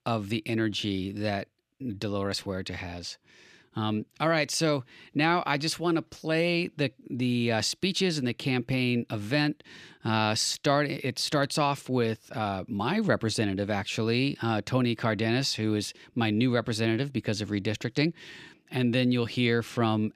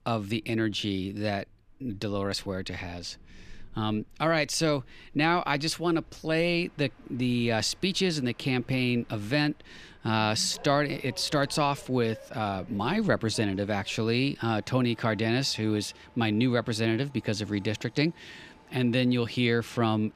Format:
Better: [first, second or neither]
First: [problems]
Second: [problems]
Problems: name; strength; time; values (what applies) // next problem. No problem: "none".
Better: first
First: none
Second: train or aircraft noise; faint; throughout; 25 dB below the speech